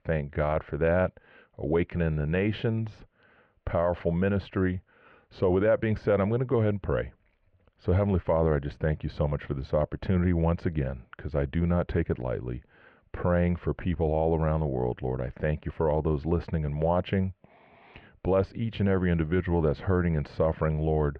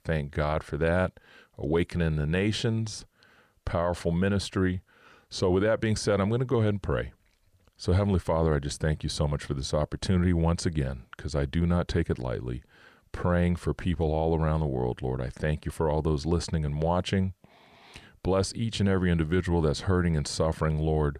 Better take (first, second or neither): second